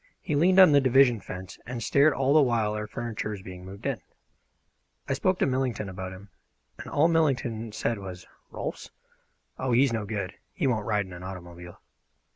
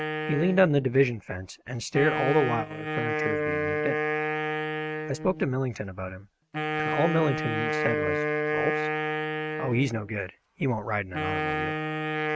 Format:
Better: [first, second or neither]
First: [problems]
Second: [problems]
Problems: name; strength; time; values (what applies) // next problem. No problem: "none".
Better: first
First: none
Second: noise reduction (neural mask model RNNoise)